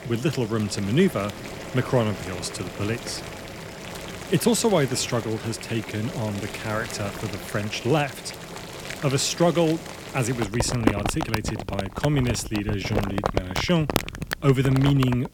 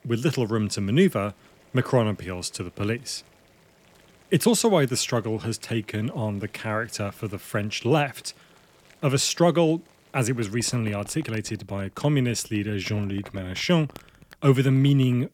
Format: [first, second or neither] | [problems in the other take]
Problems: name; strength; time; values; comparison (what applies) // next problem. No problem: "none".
second | household noises; loud; throughout; 7 dB below the speech; faint in the second